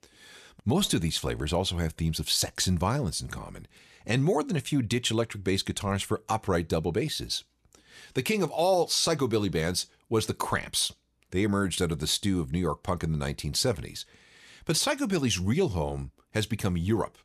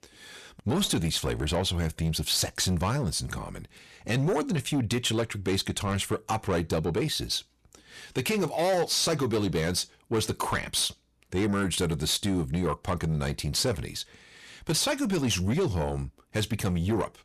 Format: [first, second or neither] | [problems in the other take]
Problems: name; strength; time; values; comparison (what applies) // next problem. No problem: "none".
first | distortion; slight; 10 dB below the speech